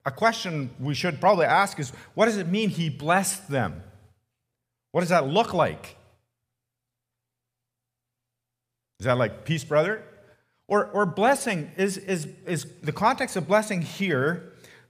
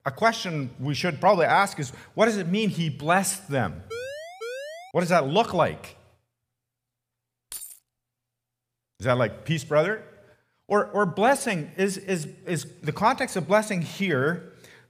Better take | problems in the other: first | siren; faint; from 4 to 5 s; peak 10 dB below the speech // jangling keys; faint; at 7.5 s; peak 15 dB below the speech

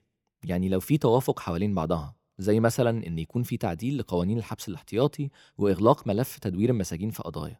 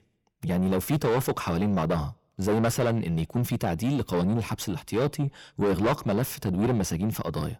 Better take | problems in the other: first | distortion; heavy; 6 dB below the speech

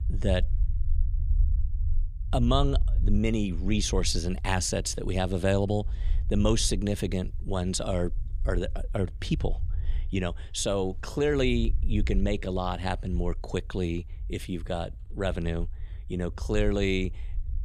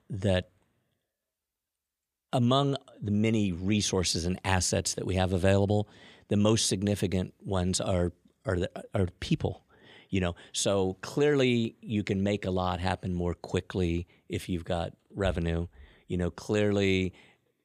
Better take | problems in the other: second | low rumble; faint; throughout; 25 dB below the speech

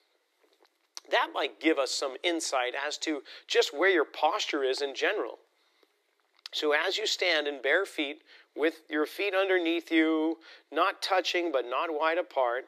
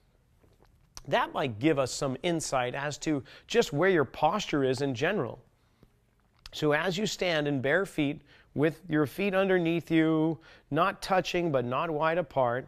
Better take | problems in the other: second | thin; very; fading below 300 Hz

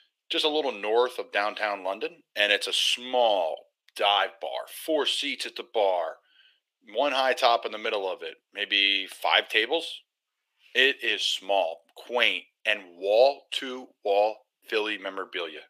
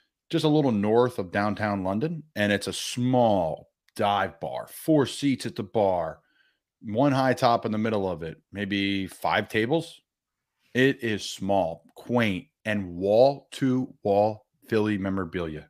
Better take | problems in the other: second | thin; very; fading below 400 Hz

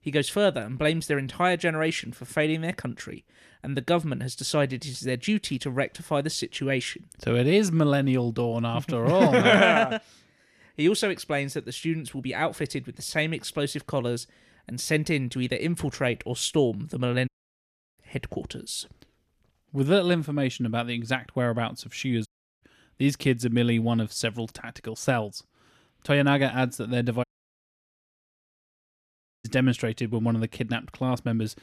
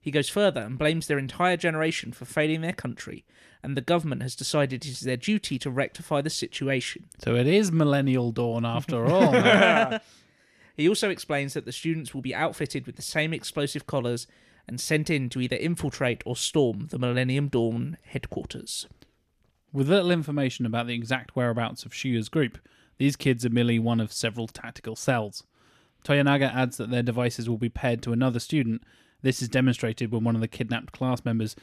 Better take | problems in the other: second | audio cutting out; at 17 s for 0.5 s, at 22 s and at 27 s for 2 s

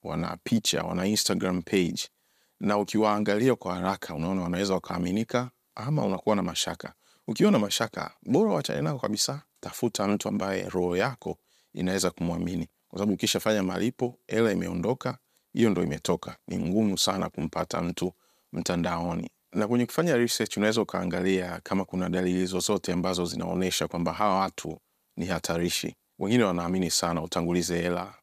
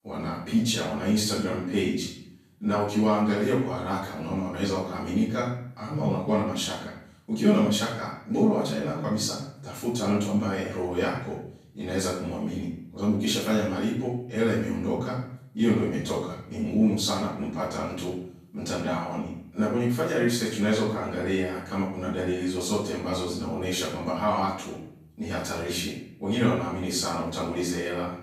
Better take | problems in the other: first | off-mic speech; far // room echo; noticeable; dies away in 0.6 s

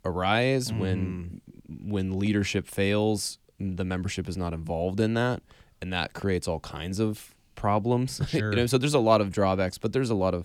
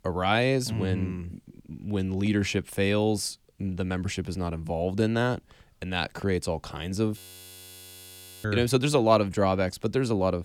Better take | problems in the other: first | audio freezing; at 7 s for 1.5 s

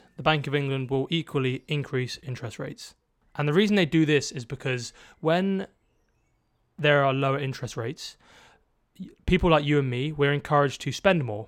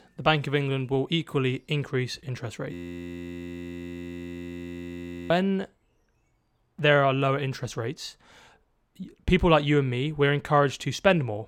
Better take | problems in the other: first | audio freezing; at 2.5 s for 2.5 s

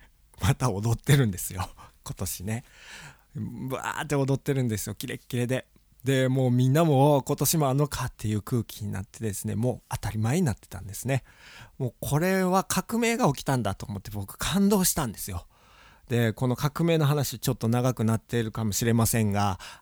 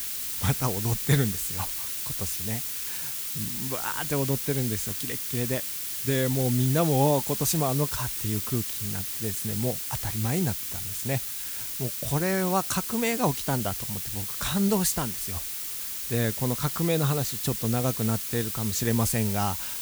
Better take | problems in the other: first | hiss; loud; throughout; 1 dB below the speech

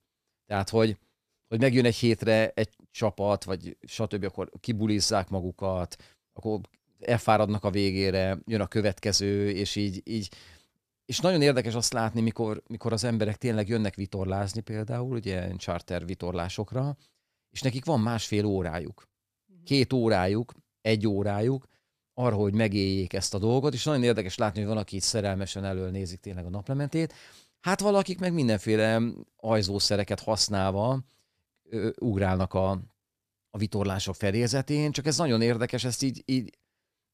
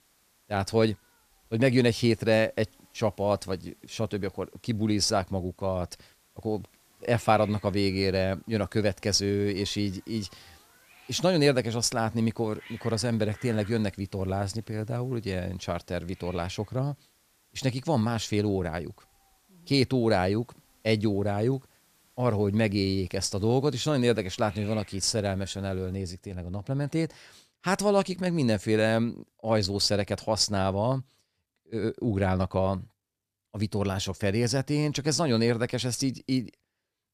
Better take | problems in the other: first | hiss; faint; until 26 s; 30 dB below the speech

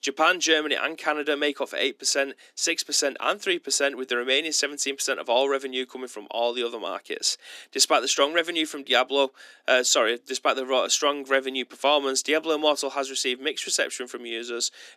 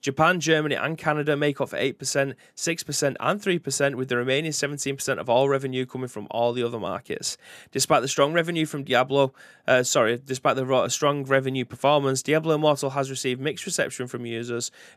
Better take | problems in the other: second | thin; very slightly; fading below 250 Hz

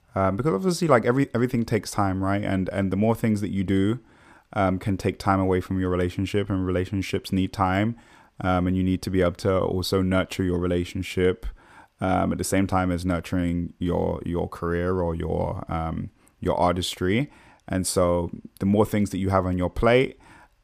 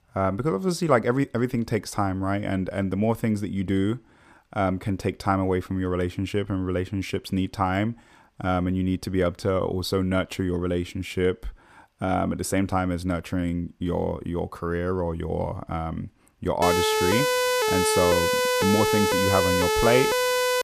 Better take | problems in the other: first | siren; loud; from 17 s on; peak 4 dB above the speech

